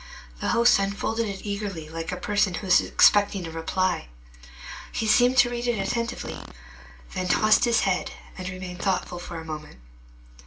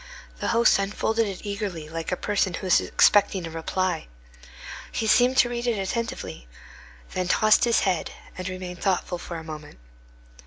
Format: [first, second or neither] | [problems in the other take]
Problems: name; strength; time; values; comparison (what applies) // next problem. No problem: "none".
second | background sound (Fart); 15 dB below the speech // room echo; dies away in 0.2 s